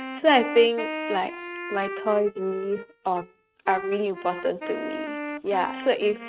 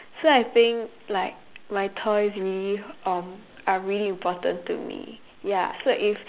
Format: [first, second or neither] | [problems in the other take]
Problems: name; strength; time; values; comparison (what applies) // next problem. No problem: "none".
second | noise reduction (neural mask model RNNoise)